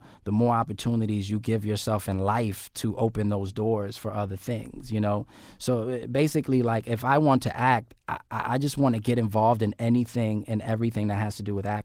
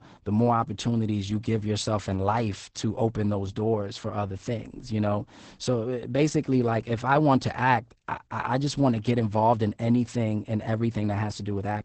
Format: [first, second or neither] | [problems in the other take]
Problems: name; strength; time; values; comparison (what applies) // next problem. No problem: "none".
first | garbled, watery; badly; nothing above 8 kHz; slightly in the first